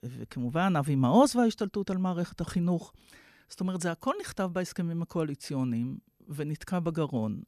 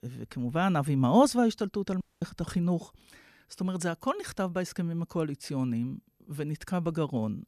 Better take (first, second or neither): first